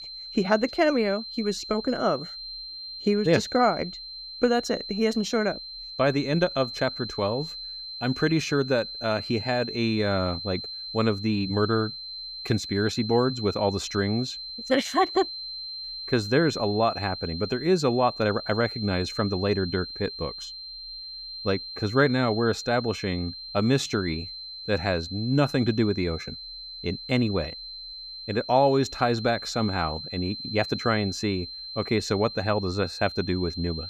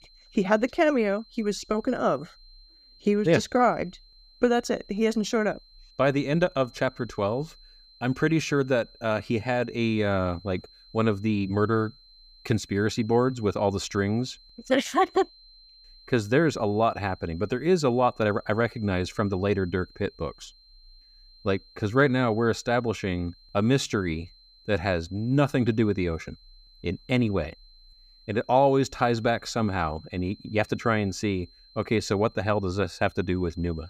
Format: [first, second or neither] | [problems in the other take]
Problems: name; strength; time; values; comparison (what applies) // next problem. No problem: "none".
second | high-pitched whine; loud; throughout; 4 kHz, 9 dB below the speech; faint in the second